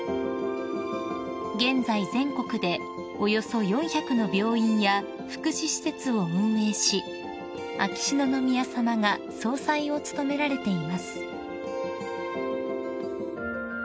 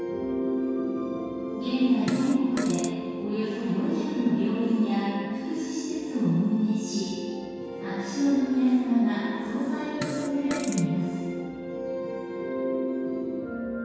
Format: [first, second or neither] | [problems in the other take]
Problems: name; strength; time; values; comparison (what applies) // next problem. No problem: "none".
first | background sound (Fart); 10 dB below the speech // room echo; dies away in 2 s